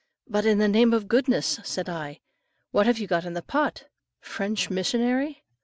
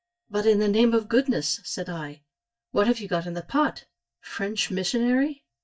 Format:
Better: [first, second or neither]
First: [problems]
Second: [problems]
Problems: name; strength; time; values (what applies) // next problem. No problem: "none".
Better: first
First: none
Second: noise reduction (neural mask model DeepFilterNet 3)